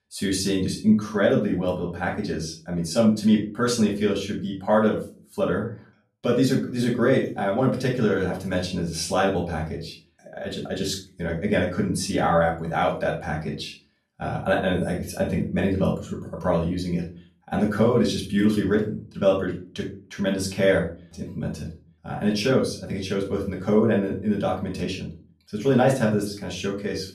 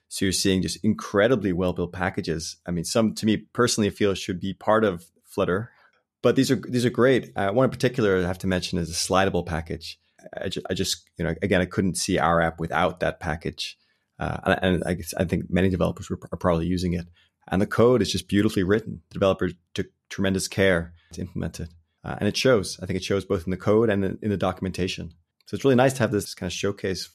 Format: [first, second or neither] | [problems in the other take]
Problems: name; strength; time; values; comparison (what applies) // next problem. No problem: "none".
second | off-mic speech; far // room echo; slight; dies away in 0.3 s